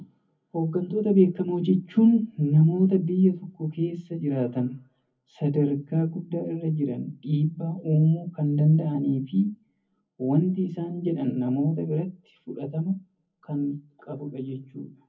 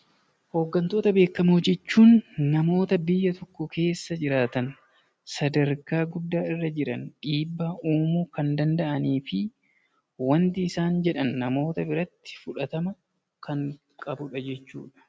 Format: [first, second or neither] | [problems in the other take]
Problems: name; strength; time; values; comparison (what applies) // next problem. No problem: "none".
second | room echo; dies away in 0.3 s